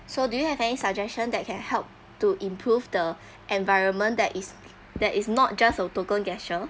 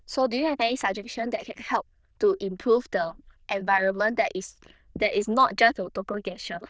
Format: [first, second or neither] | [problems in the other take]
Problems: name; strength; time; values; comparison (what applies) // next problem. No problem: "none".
first | noise reduction (neural diffusion model UNIVERSE++)